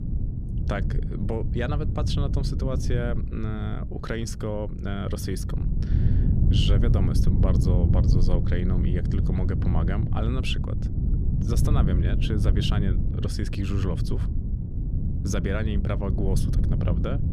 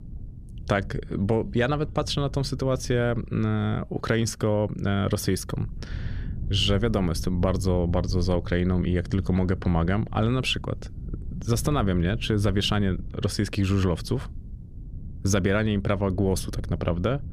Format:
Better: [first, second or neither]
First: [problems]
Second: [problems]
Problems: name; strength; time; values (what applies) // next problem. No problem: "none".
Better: second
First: wind noise on the microphone; heavy; 4 dB below the speech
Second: wind noise on the microphone; occasional gusts; 20 dB below the speech